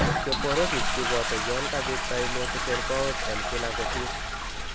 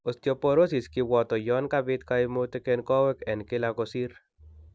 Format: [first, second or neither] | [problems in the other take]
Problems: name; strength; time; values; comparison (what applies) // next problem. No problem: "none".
second | background sound (Toilet flush); 4 dB above the speech